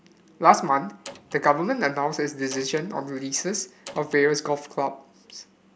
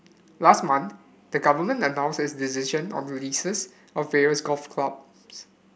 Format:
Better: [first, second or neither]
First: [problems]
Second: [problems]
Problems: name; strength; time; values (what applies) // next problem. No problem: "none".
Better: second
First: background sound (Door); 18 dB below the speech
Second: none